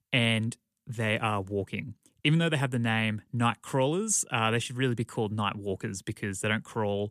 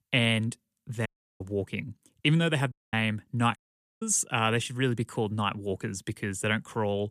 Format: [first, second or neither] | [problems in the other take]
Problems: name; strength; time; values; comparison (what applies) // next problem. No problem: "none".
first | audio cutting out; at 1 s, at 2.5 s and at 3.5 s